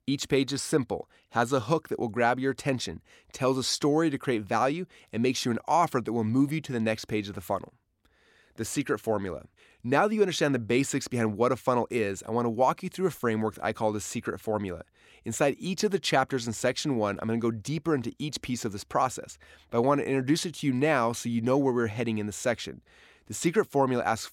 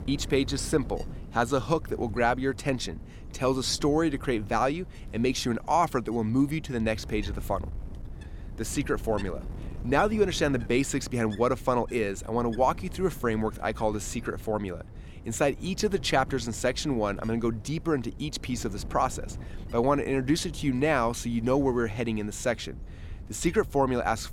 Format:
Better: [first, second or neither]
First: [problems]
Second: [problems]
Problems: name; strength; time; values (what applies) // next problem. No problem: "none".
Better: first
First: none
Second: wind noise on the microphone; occasional gusts; 20 dB below the speech